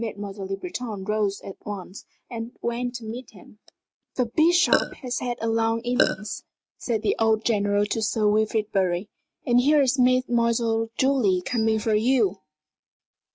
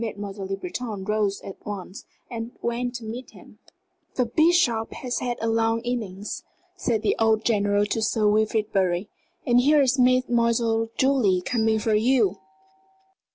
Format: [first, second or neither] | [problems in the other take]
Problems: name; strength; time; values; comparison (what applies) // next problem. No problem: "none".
second | noise reduction (neural mask model RNNoise)